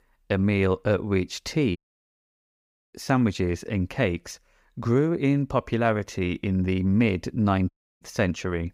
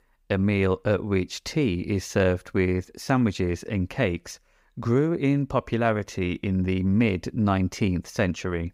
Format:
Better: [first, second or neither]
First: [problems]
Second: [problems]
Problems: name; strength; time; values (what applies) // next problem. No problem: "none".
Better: second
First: audio cutting out; at 2 s for 1 s and at 7.5 s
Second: none